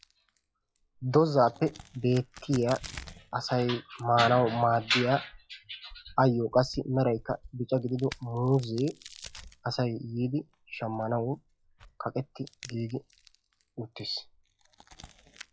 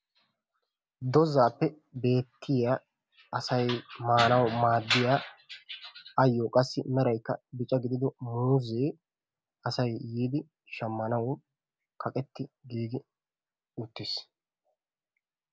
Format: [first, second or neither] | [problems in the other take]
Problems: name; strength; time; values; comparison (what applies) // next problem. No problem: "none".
second | noise reduction (classical method log-MMSE)